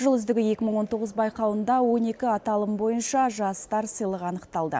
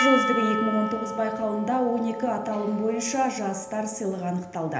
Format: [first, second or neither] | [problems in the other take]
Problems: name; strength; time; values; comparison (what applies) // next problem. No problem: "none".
first | background sound (Percussion); 5 dB below the speech // room echo; dies away in 0.8 s